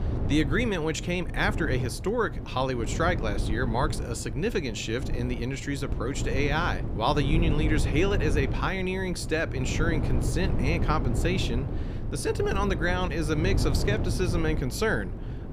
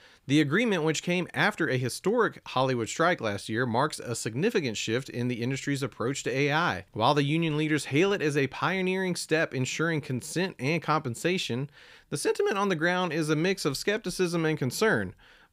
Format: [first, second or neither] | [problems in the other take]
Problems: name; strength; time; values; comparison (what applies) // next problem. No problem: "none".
second | wind noise on the microphone; occasional gusts; 10 dB below the speech